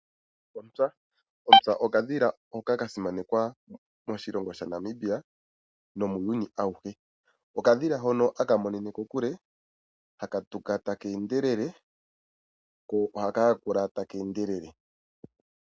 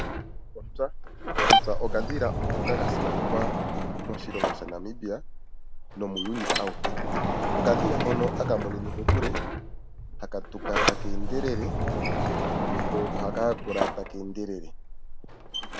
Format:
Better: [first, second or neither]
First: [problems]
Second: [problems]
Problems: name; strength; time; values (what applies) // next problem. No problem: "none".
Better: first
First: none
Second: background sound (Sliding door); 3 dB above the speech